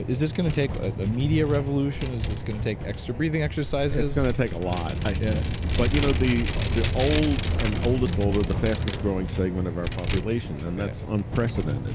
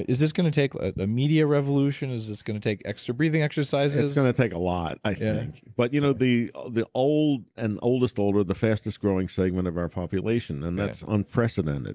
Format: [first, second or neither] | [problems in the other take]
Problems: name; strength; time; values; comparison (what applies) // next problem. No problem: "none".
second | background sound (Vehicle); 1 dB below the speech